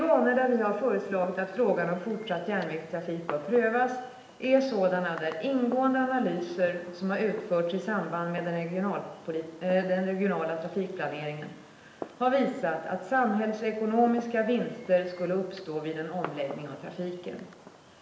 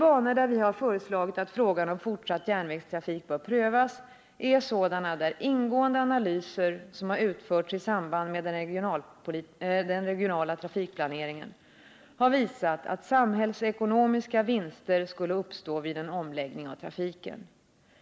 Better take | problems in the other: second | background sound (Fireworks); 19 dB below the speech // room echo; dies away in 0.8 s

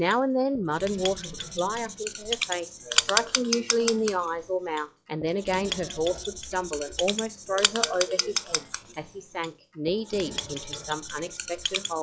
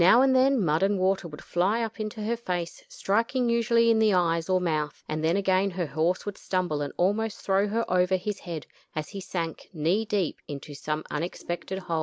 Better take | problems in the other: second | noise reduction (classical method log-MMSE)

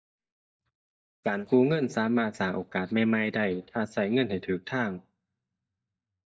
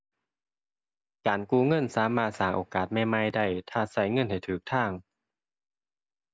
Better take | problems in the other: second | noise reduction (neural mask model DeepFilterNet 3)

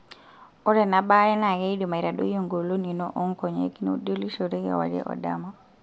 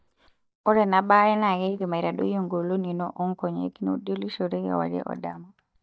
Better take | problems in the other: first | noise reduction (neural mask model DeepFilterNet 3)

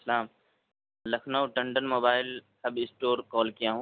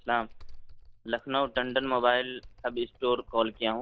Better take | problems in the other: first | noise reduction (neural mask model DeepFilterNet 3)

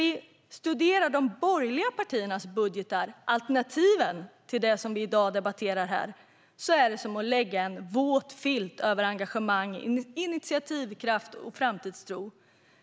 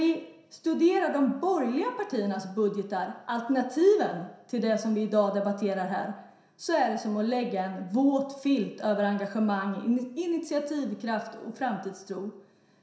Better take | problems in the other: first | room echo; dies away in 0.7 s

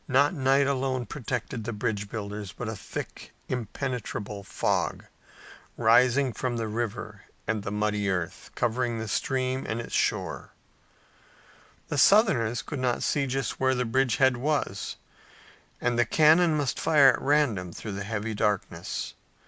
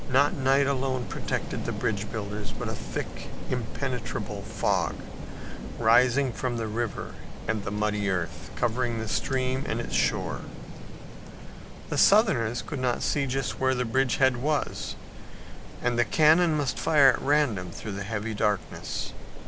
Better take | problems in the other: first | background sound (Rain); 3 dB below the speech

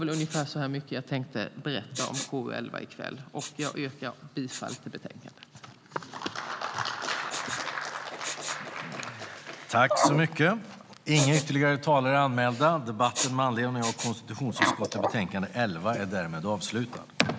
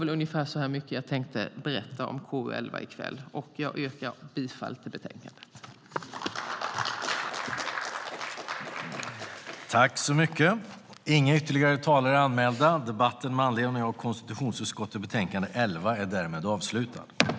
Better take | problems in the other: second | background sound (Respiratory sounds); 7 dB below the speech

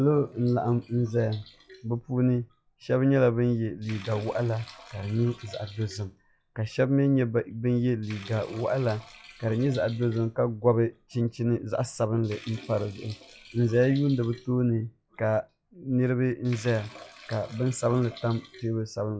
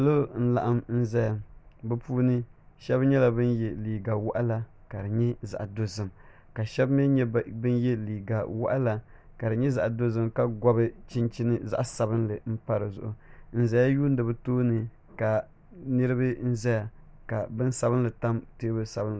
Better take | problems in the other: second | noise reduction (classical method log-MMSE)

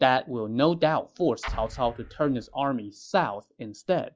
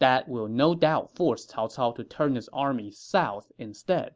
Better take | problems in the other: second | noise reduction (classical method log-MMSE)

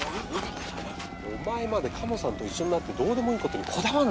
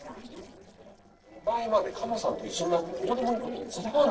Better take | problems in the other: first | noise reduction (neural separator model SepFormer DNS4)

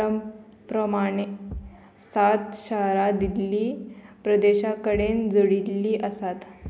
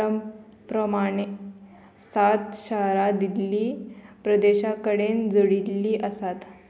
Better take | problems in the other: second | background sound (Thump, thud); 20 dB below the speech

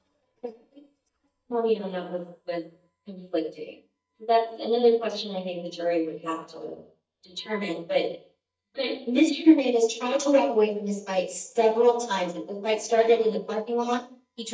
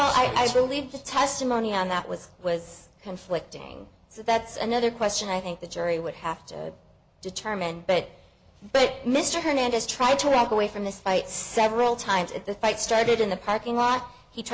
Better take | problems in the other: second | noise reduction (neural mask model DeepFilterNet 3)

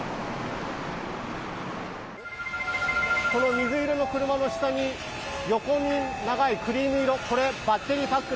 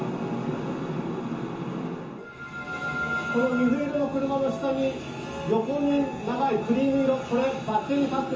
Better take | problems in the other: first | room echo; dies away in 0.6 s

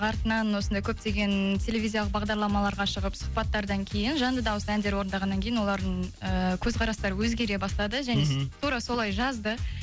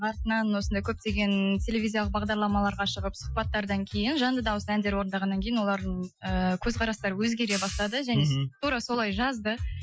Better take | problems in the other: first | noise reduction (classical method Wiener filter)

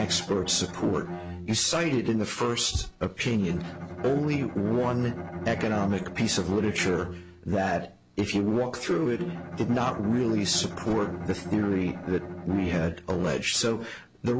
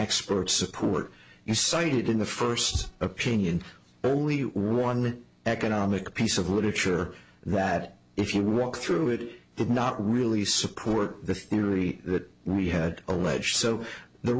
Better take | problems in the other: second | background sound (Bowed string instrument); 11 dB below the speech

